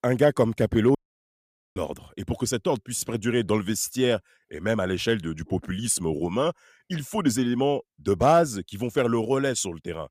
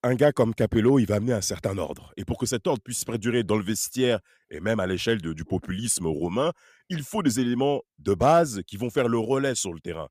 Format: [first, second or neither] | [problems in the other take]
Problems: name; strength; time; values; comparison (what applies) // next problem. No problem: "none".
second | audio cutting out; at 1 s for 1 s